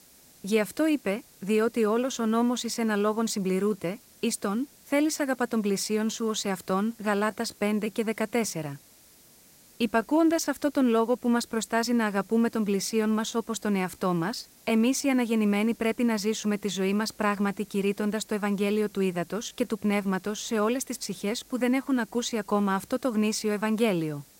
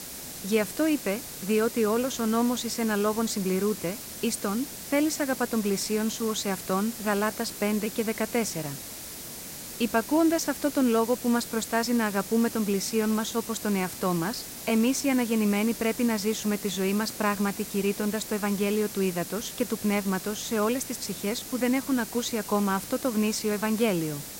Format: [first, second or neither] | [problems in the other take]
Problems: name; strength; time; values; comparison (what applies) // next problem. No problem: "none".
first | hiss; loud; throughout; 10 dB below the speech; faint in the first